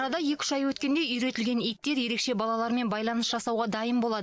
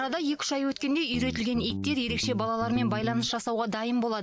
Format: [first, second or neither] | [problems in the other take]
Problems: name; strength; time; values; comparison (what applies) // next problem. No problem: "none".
first | background sound (Guitar); 6 dB below the speech